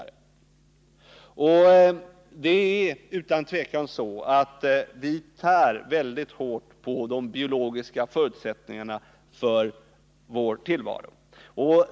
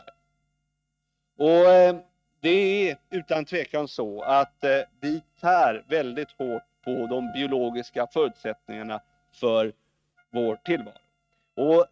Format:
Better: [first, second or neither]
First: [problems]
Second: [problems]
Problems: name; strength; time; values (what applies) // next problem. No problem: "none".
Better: first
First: none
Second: noise reduction (neural mask model RNNoise)